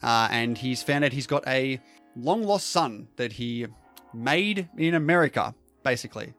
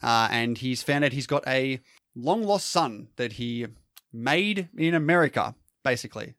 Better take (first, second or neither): second